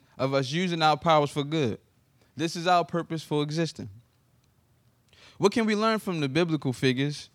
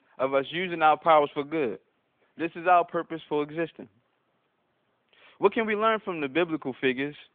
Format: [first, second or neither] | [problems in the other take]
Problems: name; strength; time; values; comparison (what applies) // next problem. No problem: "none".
first | phone-call audio; nothing above 3.5 kHz